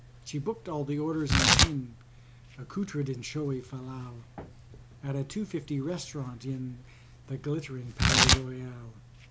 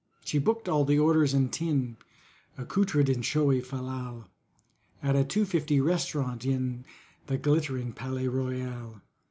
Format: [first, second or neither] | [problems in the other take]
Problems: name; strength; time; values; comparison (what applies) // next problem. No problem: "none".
second | background sound (Tearing); 3 dB above the speech